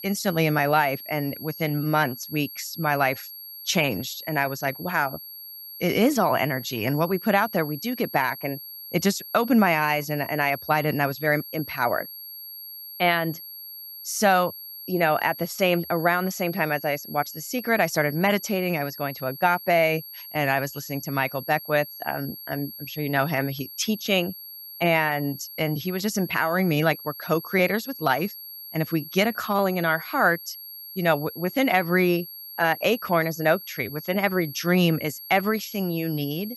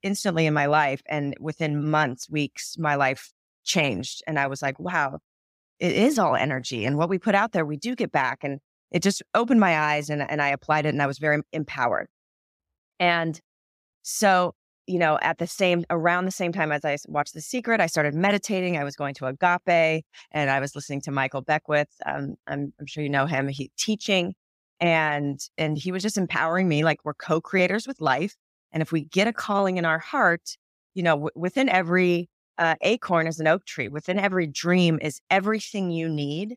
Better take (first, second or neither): second